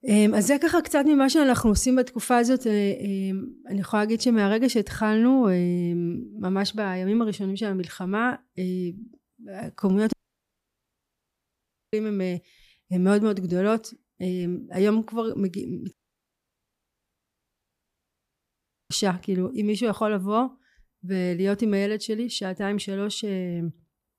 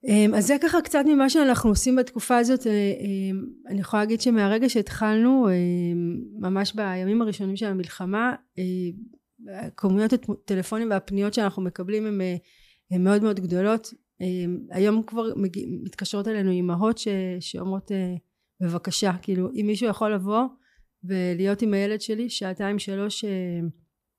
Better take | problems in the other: second | audio cutting out; at 10 s for 2 s and at 16 s for 3 s

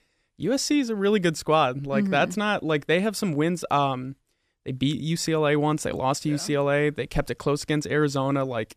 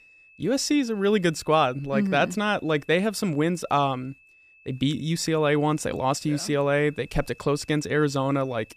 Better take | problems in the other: first | high-pitched whine; faint; throughout; 2.5 kHz, 30 dB below the speech

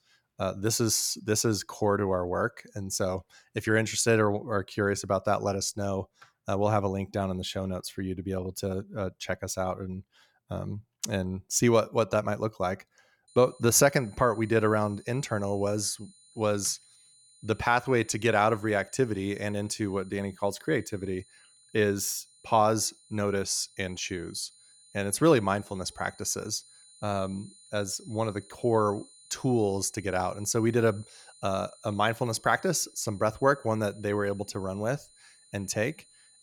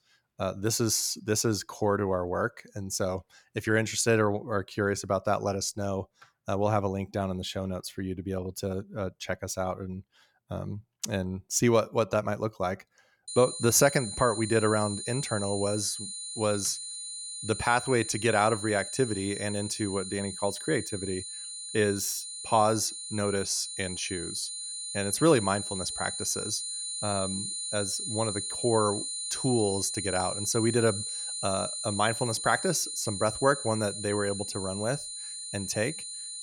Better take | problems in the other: first | high-pitched whine; loud; from 13 s on; 9.5 kHz, 5 dB below the speech; faint in the first

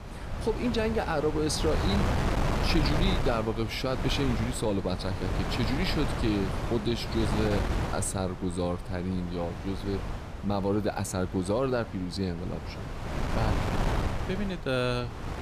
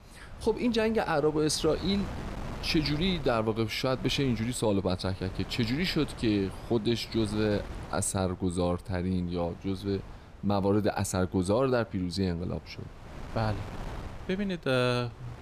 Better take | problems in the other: second | wind noise on the microphone; heavy; 4 dB below the speech; occasional gusts in the second

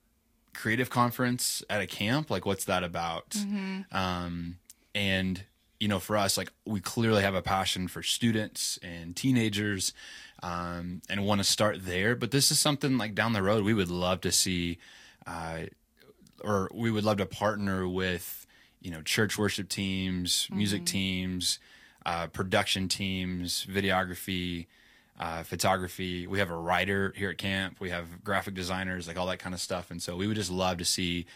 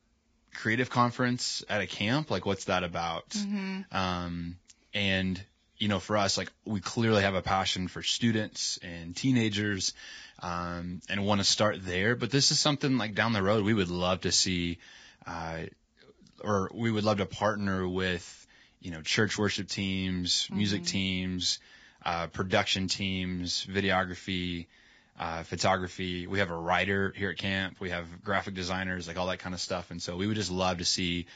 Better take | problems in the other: first | garbled, watery; badly; nothing above 7.5 kHz; slightly in the first

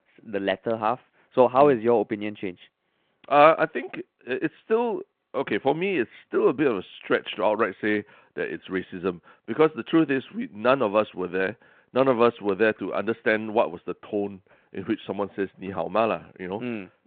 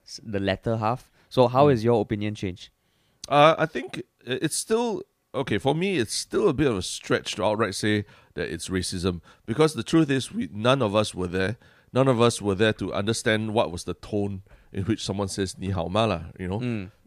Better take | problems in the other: second | phone-call audio; nothing above 3.5 kHz

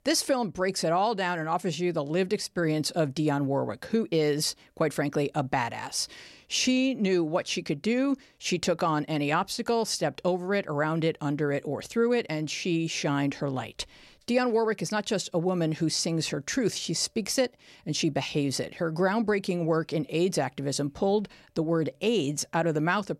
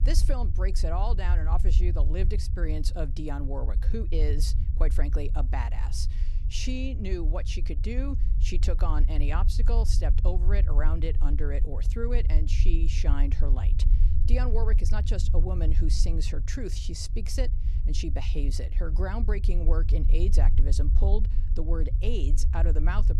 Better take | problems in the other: first | low rumble; loud; throughout; 10 dB below the speech

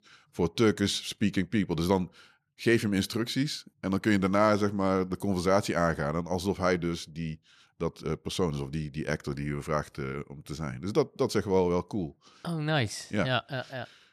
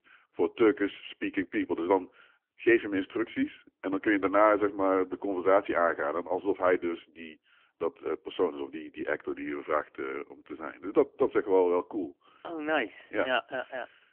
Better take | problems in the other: first | phone-call audio; poor line; nothing above 3 kHz

